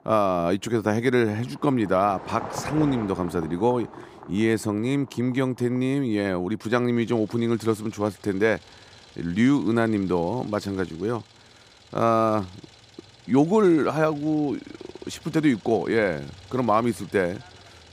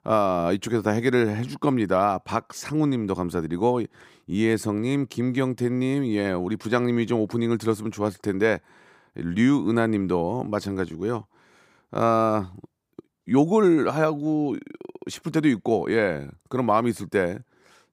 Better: second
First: traffic noise; noticeable; throughout; 20 dB below the speech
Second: none

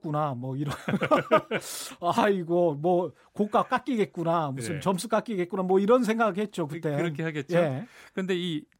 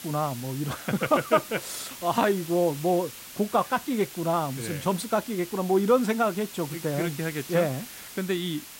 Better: first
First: none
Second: hiss; noticeable; throughout; 15 dB below the speech

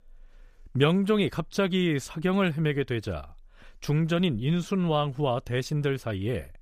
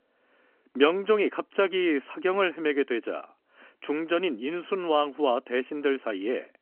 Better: first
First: none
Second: phone-call audio; nothing above 3 kHz

